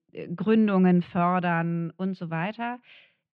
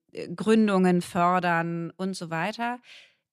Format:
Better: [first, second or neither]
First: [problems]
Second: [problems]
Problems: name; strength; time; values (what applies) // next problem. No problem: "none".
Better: second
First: muffled; slightly; fading above 3 kHz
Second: none